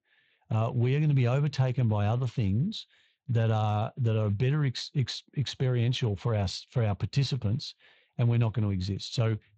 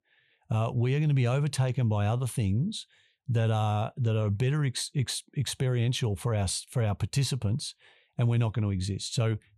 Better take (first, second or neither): second